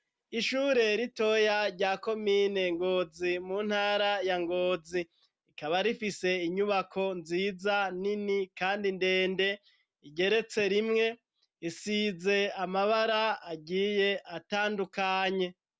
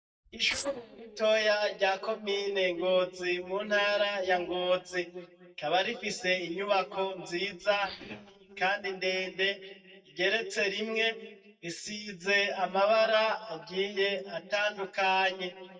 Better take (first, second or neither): first